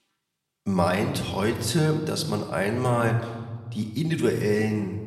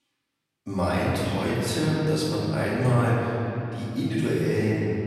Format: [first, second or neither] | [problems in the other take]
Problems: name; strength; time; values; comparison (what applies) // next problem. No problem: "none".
first | room echo; strong; dies away in 3 s; slight in the first // off-mic speech; far